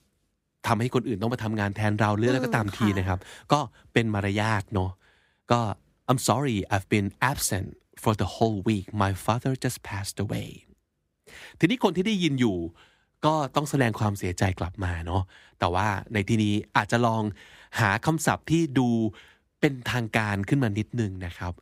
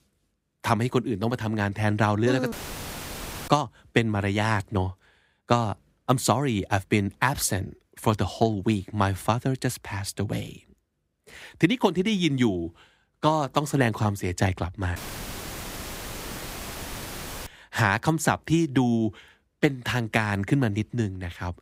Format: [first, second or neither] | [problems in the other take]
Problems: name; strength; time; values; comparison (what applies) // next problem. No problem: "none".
first | audio cutting out; filled with static; at 2.5 s for 1 s and at 15 s for 2.5 s